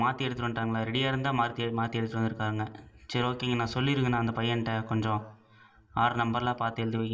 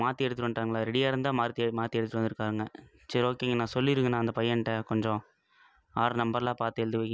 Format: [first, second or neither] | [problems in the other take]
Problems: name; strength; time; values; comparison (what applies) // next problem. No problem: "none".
second | room echo; dies away in 0.9 s